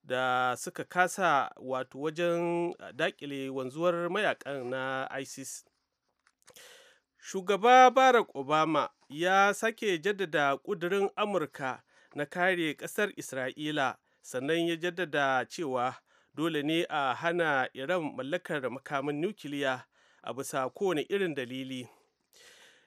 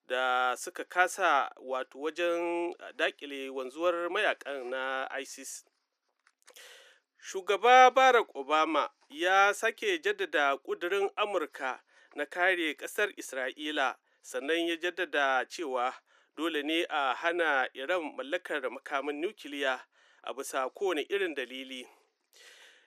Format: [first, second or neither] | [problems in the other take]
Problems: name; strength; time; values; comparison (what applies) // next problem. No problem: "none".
first | thin; somewhat; fading below 300 Hz